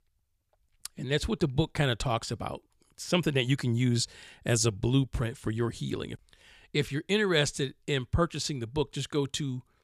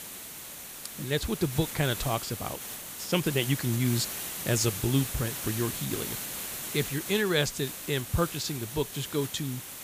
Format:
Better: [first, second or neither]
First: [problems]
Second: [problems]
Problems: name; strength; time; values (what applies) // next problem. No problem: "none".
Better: first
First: none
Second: hiss; loud; throughout; 6 dB below the speech